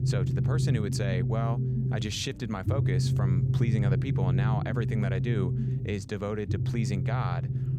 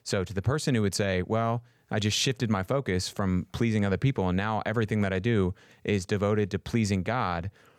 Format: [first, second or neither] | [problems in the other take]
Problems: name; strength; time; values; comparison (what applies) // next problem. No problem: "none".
second | low rumble; loud; throughout; 3 dB below the speech